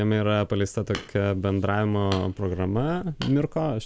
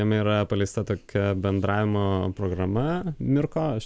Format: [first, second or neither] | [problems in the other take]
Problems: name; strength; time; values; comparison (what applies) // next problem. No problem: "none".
second | background sound (Hammer); 18 dB below the speech